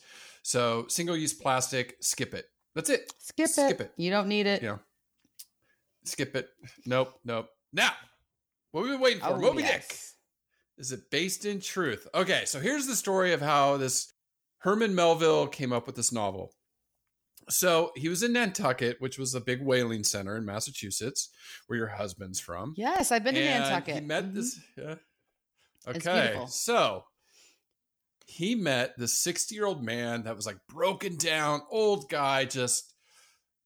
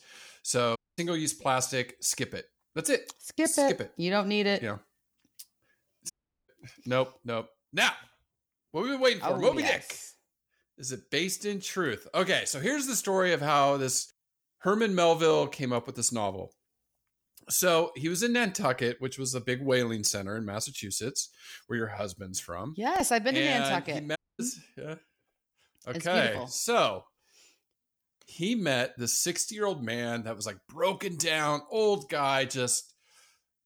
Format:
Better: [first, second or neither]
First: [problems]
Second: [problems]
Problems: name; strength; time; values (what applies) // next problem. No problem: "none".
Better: first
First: none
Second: audio cutting out; at 1 s, at 6 s and at 24 s